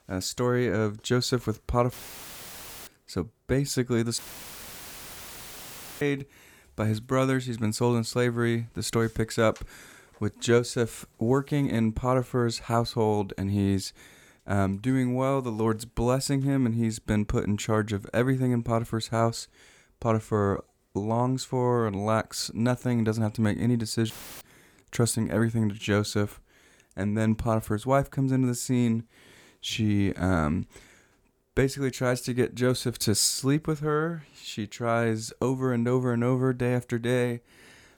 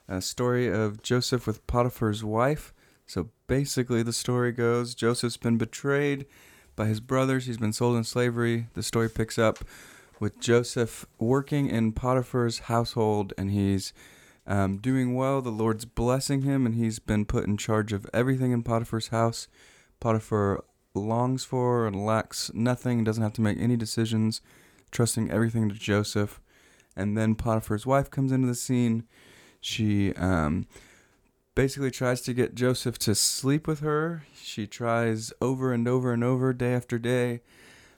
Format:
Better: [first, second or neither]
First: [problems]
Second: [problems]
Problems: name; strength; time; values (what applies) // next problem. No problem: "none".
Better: second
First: audio cutting out; filled with static; at 2 s for 1 s, at 4 s for 2 s and at 24 s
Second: none